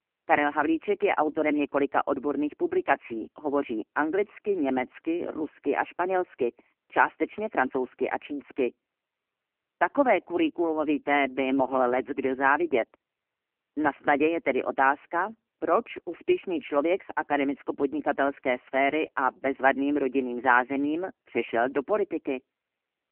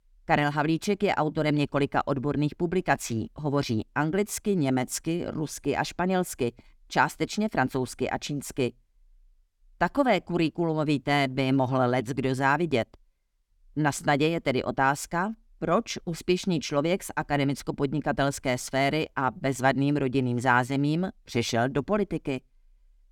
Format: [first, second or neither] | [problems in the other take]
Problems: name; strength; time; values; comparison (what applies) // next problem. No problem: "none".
second | phone-call audio; poor line; nothing above 3 kHz